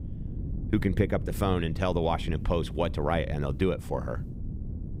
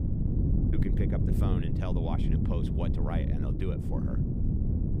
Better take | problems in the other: first | wind noise on the microphone; heavy; 1 dB above the speech; occasional gusts in the first

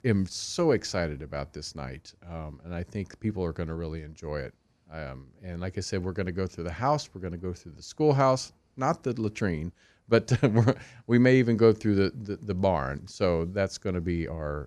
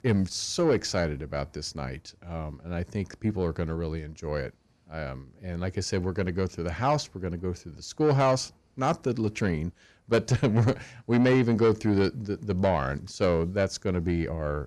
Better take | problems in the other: first | distortion; slight; 10 dB below the speech

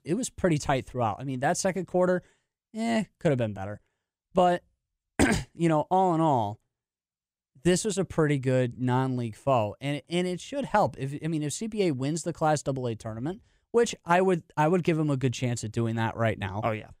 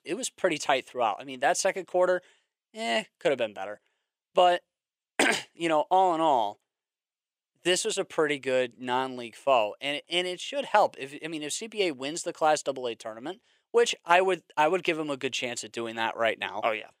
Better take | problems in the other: first | thin; somewhat; fading below 500 Hz

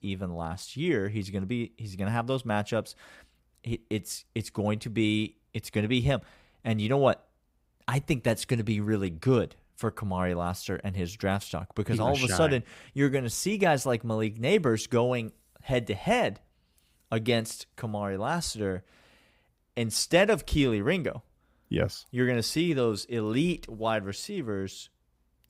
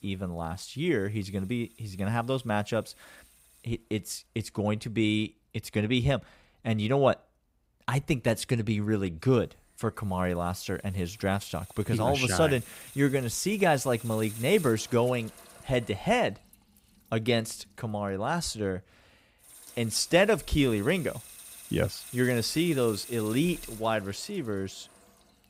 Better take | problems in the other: first | household noises; noticeable; throughout; 15 dB below the speech

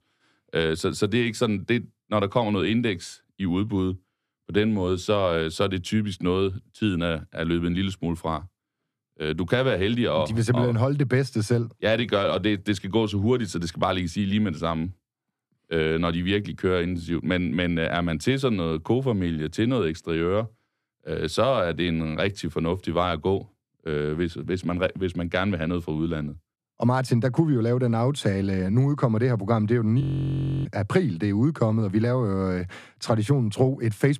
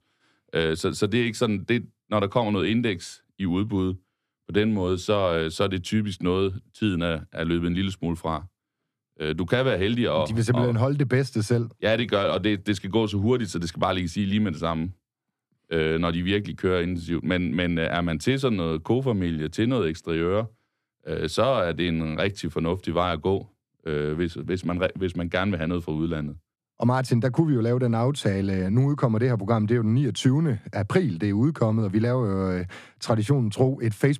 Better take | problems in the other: second | audio freezing; at 30 s for 0.5 s

